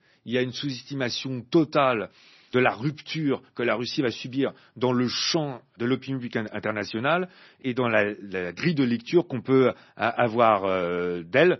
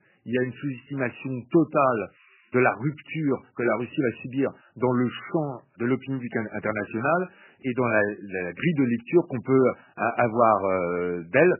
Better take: first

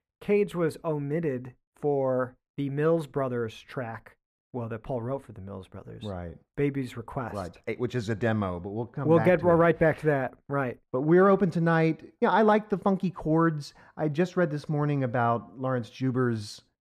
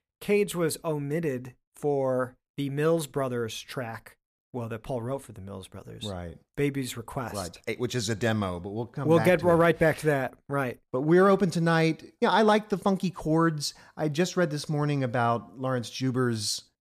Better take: second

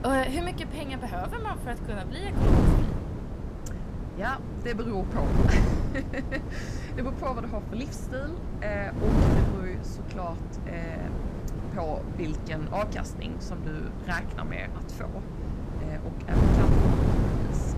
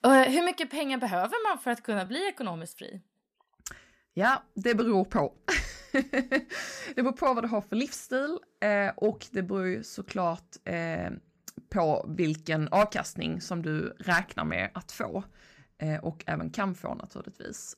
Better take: second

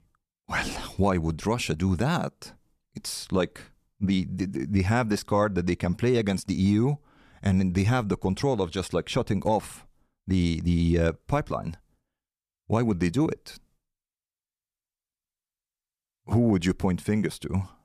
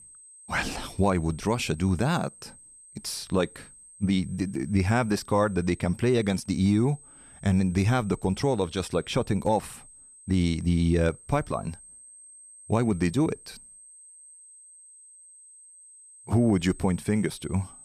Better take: first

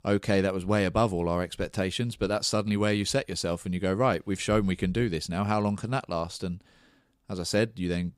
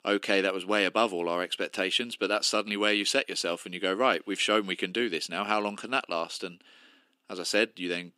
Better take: first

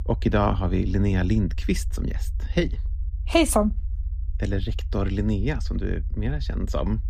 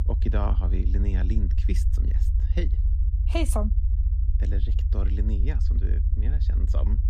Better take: first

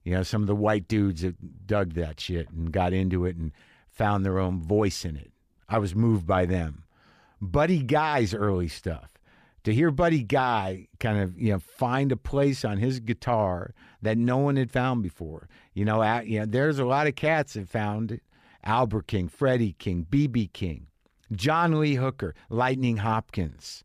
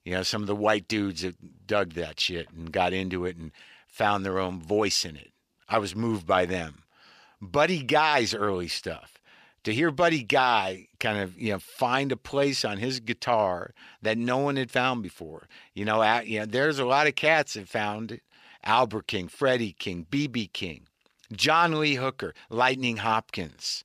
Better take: first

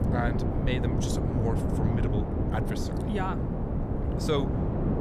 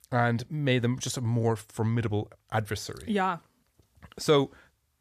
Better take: second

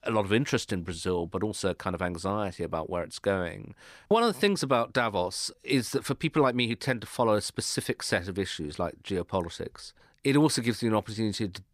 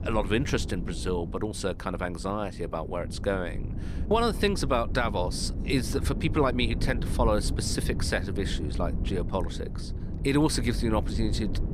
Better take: first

